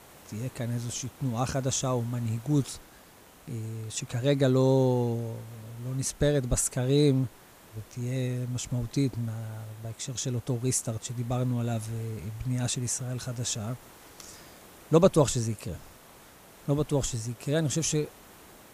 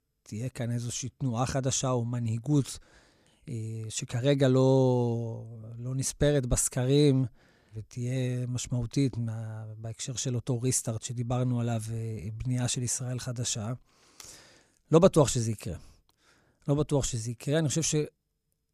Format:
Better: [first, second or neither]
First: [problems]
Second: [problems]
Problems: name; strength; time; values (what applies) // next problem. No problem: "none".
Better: second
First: hiss; faint; throughout; 25 dB below the speech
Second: none